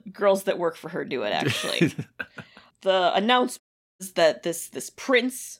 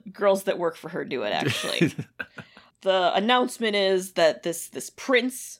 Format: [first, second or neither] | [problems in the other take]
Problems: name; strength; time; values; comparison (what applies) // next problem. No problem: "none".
second | audio cutting out; at 3.5 s